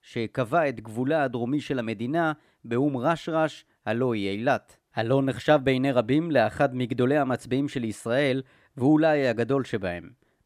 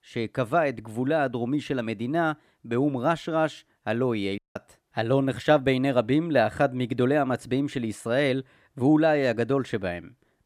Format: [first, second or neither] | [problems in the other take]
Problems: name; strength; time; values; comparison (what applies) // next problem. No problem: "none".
first | audio cutting out; at 4.5 s